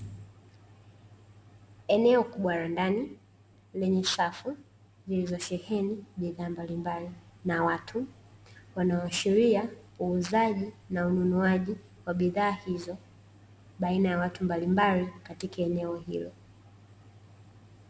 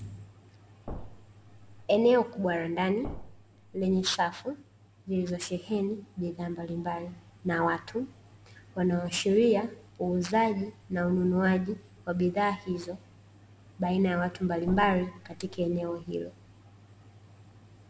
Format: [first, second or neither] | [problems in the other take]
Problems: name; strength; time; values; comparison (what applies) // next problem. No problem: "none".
first | background sound (Thump, thud); 13 dB below the speech